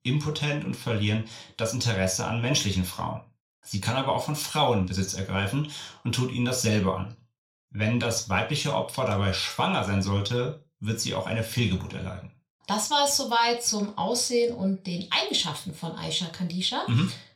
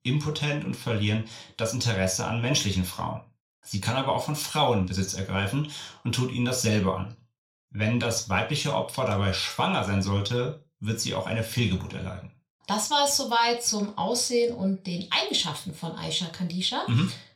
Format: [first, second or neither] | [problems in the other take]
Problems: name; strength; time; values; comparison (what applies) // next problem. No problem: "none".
neither | room echo; very slight; dies away in 0.3 s; the same in both // off-mic speech; somewhat distant; the same in both